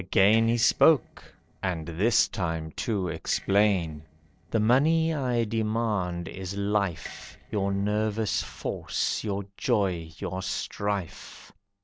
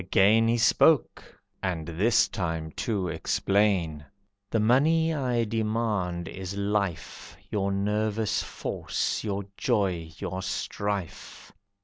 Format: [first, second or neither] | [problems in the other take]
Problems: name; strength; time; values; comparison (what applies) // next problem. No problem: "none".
second | noise reduction (neural separator model SepFormer DNS4)